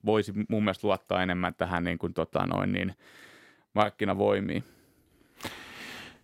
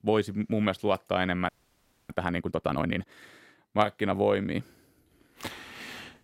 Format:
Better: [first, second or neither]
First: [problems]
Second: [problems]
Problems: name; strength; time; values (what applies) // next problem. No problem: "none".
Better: first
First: none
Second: audio freezing; at 1.5 s for 0.5 s